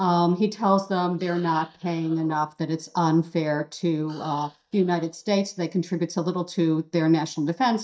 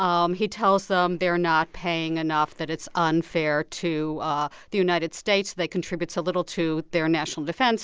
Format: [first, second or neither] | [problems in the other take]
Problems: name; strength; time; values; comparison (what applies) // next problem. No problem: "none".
second | noise reduction (neural mask model DeepFilterNet 3)